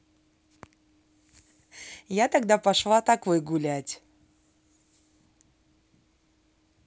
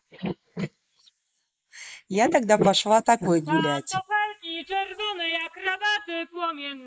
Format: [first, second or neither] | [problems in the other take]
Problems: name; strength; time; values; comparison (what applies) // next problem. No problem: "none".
first | noise reduction (neural mask model Resemble Enhance denoiser)